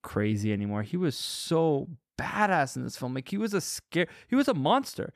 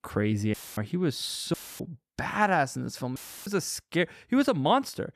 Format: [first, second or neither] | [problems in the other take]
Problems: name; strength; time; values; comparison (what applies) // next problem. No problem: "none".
first | audio cutting out; filled with static; at 0.5 s, at 1.5 s and at 3 s